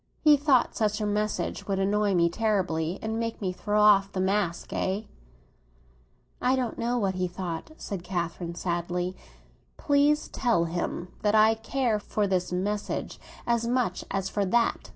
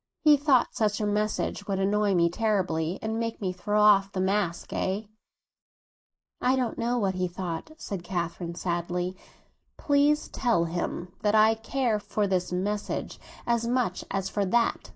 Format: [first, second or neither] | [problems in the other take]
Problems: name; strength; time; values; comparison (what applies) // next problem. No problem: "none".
first | noise reduction (neural mask model Resemble Enhance denoiser)